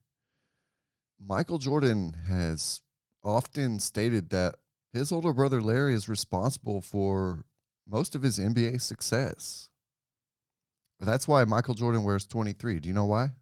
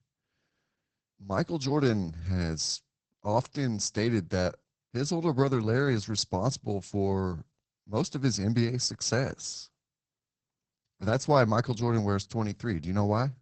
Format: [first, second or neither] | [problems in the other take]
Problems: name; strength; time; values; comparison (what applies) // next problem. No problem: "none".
first | garbled, watery; badly; nothing above 8 kHz; slightly in the first